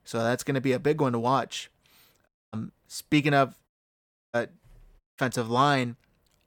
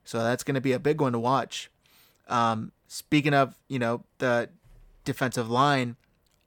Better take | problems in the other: second | audio cutting out; at 2.5 s, at 3.5 s for 0.5 s and at 5 s

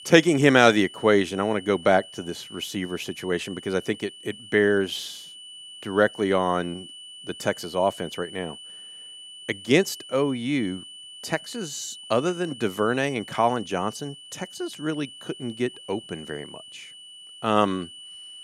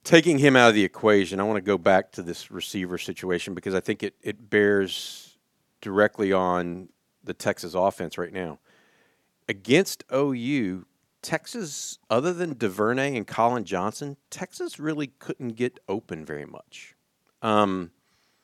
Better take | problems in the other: second | high-pitched whine; noticeable; throughout; 3 kHz, 15 dB below the speech

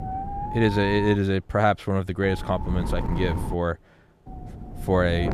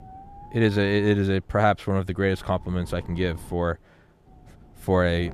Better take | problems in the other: second | wind noise on the microphone; heavy; until 1 s, from 2 to 3.5 s and from 4.5 s on; 8 dB below the speech; occasional gusts in the second

